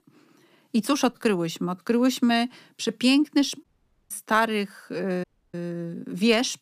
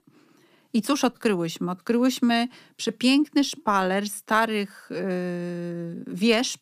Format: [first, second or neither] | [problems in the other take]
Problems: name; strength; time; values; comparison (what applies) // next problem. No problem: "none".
second | audio cutting out; at 3.5 s and at 5 s